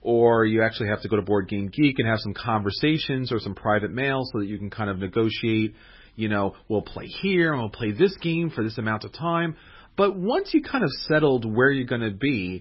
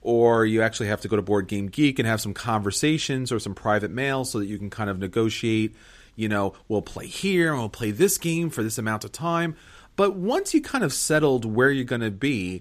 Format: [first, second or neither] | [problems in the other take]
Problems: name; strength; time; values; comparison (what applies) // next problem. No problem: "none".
second | garbled, watery; badly; nothing above 5.5 kHz